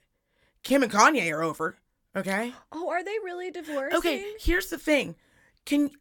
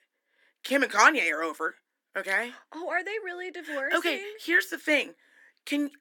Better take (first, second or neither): first